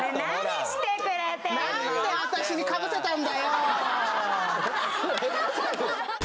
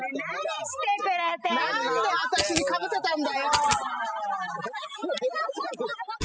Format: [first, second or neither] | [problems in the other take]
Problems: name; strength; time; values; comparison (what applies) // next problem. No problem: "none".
first | noise reduction (classical method spectral subtraction)